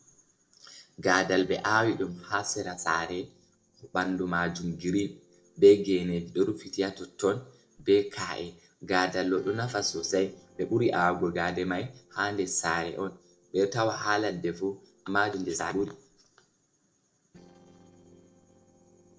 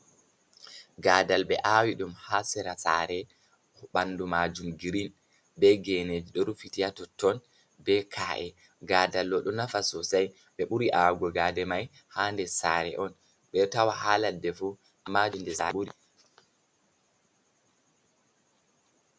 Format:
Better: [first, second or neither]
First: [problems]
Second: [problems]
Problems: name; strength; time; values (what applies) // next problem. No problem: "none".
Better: second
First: noise reduction (neural separator model SepFormer DNS4)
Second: none